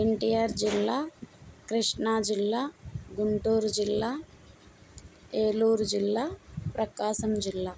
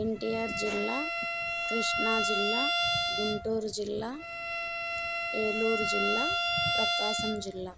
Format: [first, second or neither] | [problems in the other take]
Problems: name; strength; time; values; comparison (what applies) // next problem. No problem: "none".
first | background sound (Bowed string instrument); 3 dB above the speech